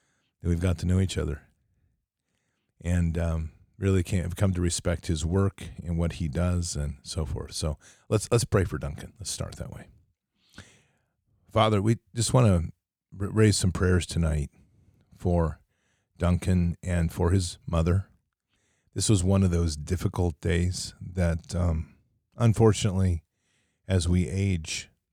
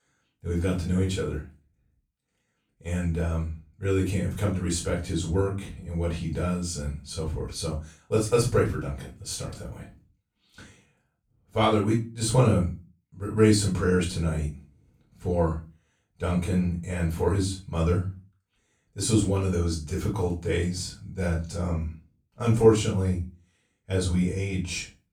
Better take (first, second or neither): first